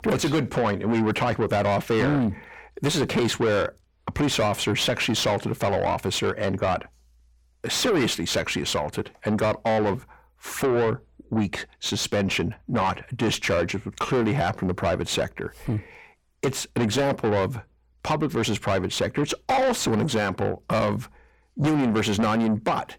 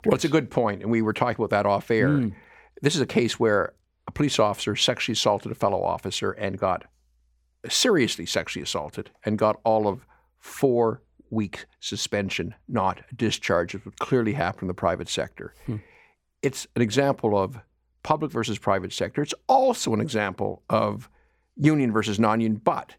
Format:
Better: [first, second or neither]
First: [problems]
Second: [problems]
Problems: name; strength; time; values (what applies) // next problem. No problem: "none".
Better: second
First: distortion; heavy; 6 dB below the speech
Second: none